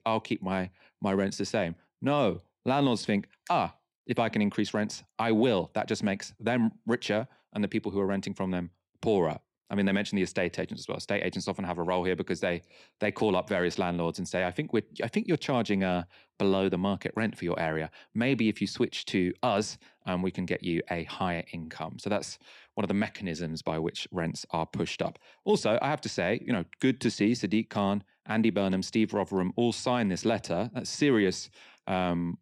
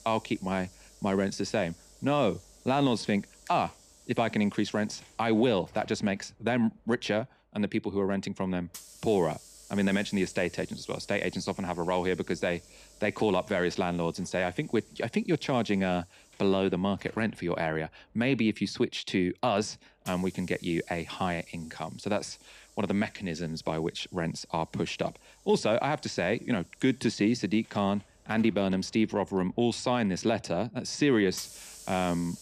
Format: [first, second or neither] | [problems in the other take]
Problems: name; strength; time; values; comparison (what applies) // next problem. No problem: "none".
first | hiss; faint; throughout; 20 dB below the speech